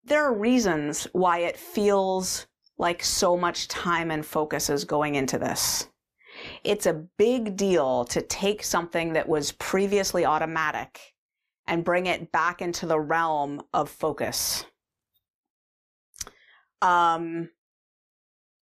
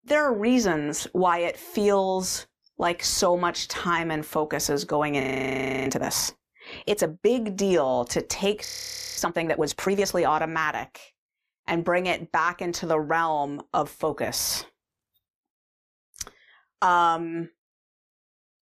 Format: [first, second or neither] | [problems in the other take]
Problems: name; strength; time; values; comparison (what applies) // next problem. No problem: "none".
first | audio freezing; at 5 s for 0.5 s and at 8.5 s for 0.5 s